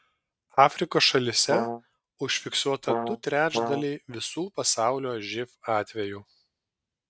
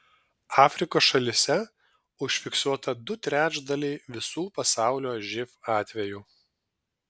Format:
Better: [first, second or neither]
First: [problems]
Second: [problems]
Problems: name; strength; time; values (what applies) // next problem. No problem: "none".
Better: second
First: noise reduction (neural mask model RNNoise)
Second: none